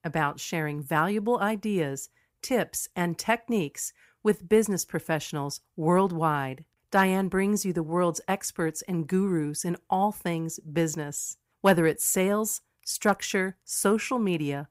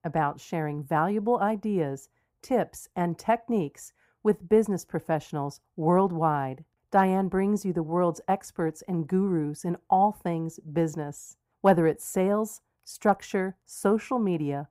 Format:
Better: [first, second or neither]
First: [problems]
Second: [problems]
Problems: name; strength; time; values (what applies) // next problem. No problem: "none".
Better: first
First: none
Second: muffled; slightly; fading above 1.5 kHz